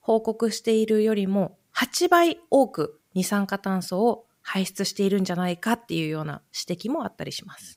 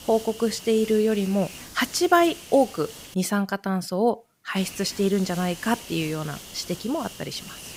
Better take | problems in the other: first | hiss; noticeable; until 3 s and from 4.5 s on; 15 dB below the speech

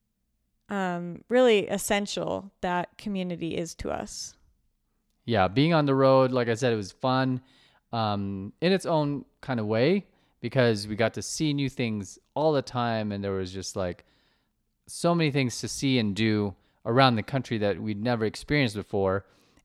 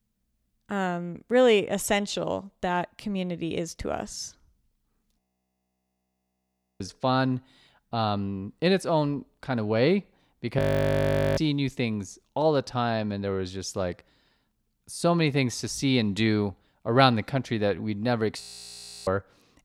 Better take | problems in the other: first | audio freezing; at 5 s for 1.5 s, at 11 s for 1 s and at 18 s for 0.5 s

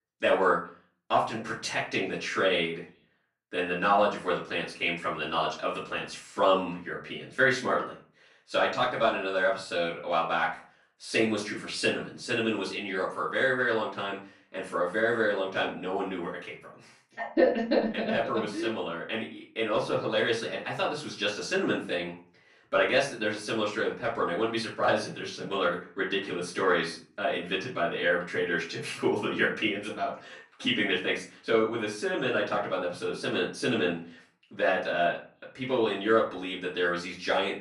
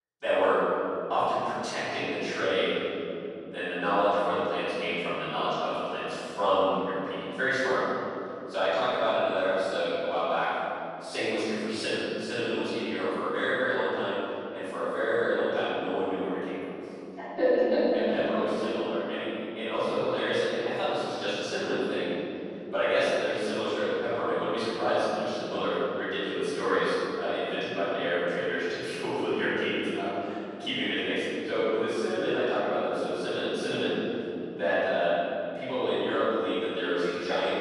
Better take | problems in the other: first | room echo; strong; dies away in 3 s; slight in the first // off-mic speech; far; far in the first

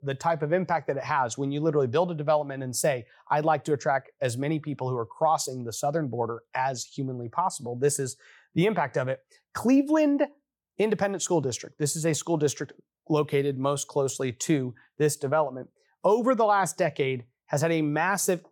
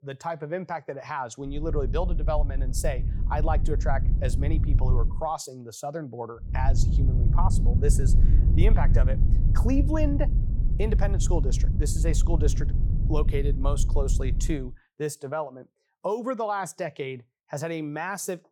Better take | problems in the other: first | low rumble; loud; from 1.5 to 5 s and from 6.5 to 15 s; 10 dB below the speech

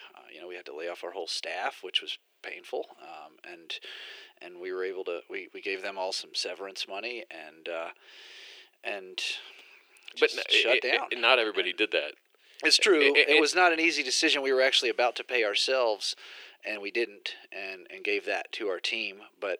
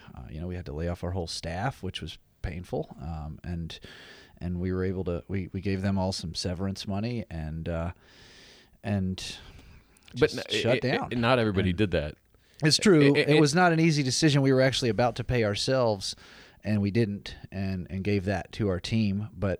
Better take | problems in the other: second | thin; very; fading below 350 Hz

